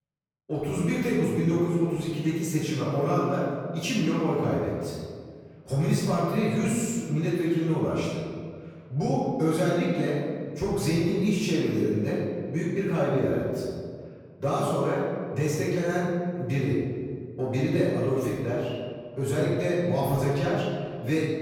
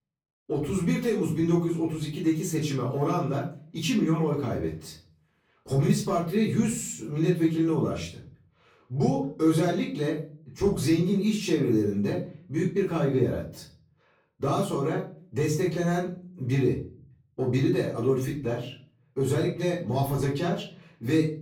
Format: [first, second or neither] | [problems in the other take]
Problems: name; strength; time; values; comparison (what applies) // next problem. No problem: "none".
second | room echo; strong; dies away in 1.9 s; slight in the second // off-mic speech; far; far in the second